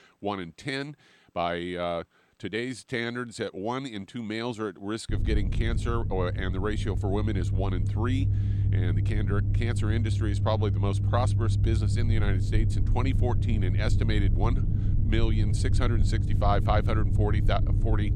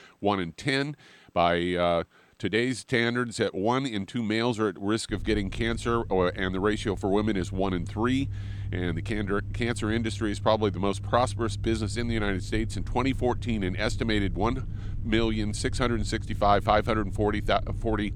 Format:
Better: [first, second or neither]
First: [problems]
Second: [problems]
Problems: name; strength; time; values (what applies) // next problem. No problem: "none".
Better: second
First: low rumble; loud; from 5 s on; 8 dB below the speech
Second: low rumble; faint; from 5 s on; 20 dB below the speech